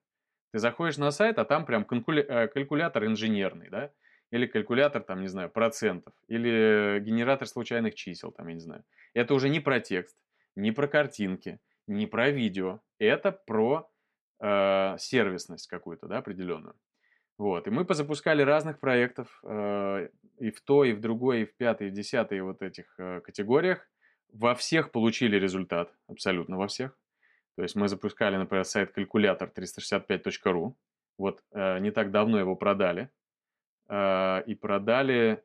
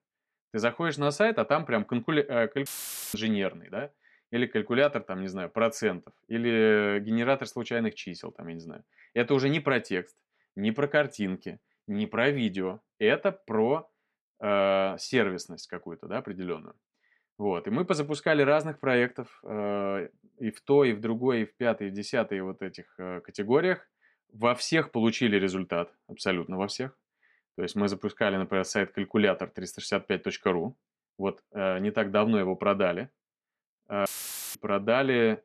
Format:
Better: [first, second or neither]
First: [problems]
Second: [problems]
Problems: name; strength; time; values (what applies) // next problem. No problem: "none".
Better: first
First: none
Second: audio cutting out; filled with static; at 2.5 s and at 34 s